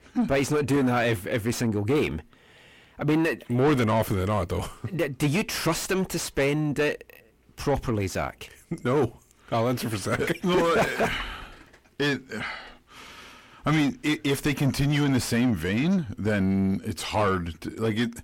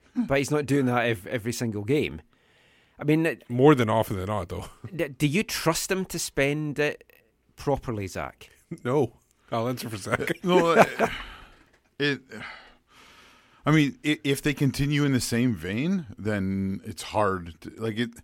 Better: second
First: distortion; heavy; 6 dB below the speech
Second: none

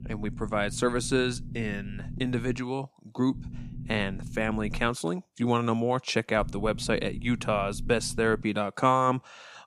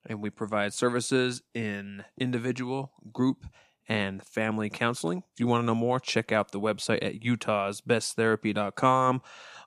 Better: second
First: low rumble; faint; until 2.5 s, from 3.5 to 5 s and from 6.5 to 8.5 s; 20 dB below the speech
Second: none

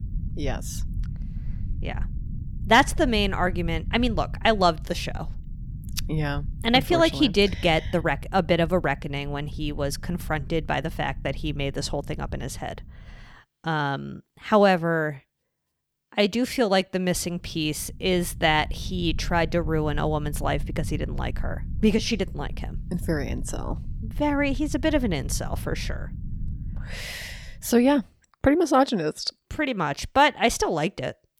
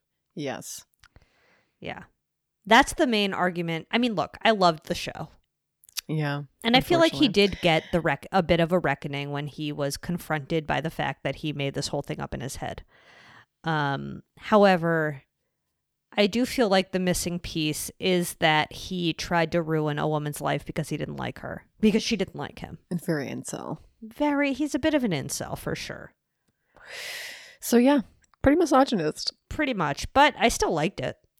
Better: second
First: low rumble; faint; until 13 s and from 17 to 28 s; 25 dB below the speech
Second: none

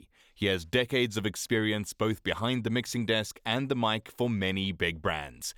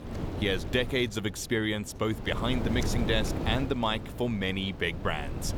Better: first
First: none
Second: wind noise on the microphone; occasional gusts; 10 dB below the speech

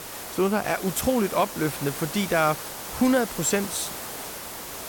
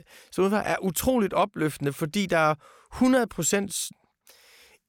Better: second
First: hiss; loud; throughout; 8 dB below the speech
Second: none

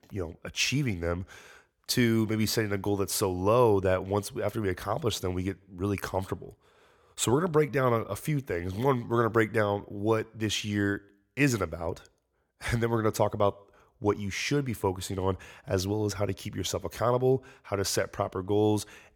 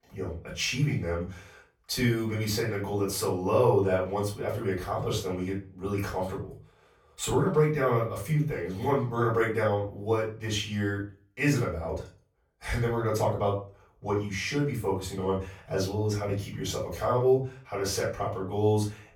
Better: first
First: none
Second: off-mic speech; far // room echo; slight; dies away in 0.3 s

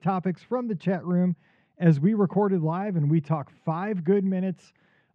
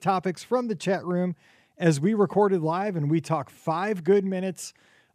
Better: second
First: muffled; slightly; fading above 2.5 kHz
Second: none

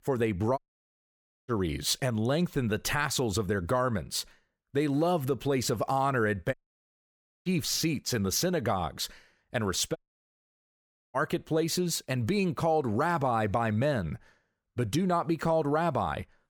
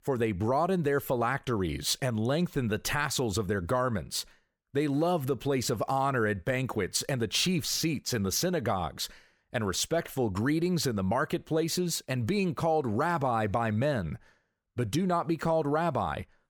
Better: second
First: audio cutting out; at 0.5 s for 1 s, at 6.5 s for 1 s and at 10 s for 1 s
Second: none

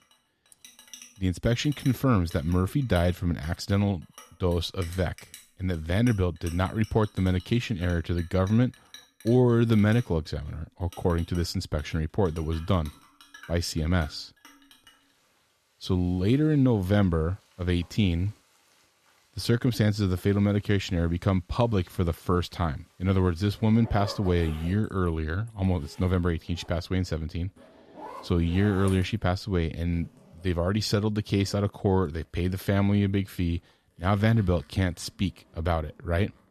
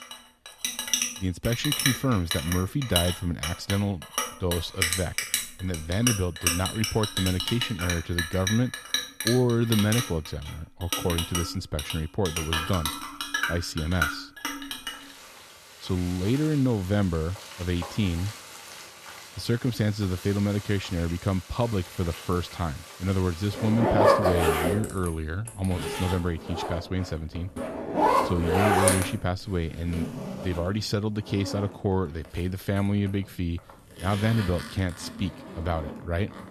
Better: first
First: household noises; faint; throughout; 20 dB below the speech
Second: household noises; loud; throughout; 1 dB below the speech

